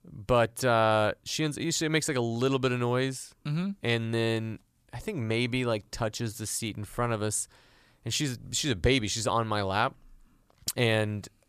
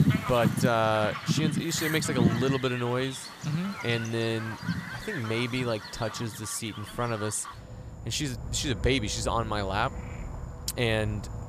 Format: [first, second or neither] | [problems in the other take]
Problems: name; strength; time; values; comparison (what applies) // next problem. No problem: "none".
first | animal sounds; loud; throughout; 5 dB below the speech